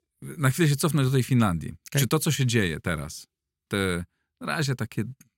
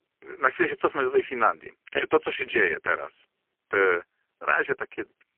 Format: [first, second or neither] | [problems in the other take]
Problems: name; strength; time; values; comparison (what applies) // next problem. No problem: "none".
first | phone-call audio; poor line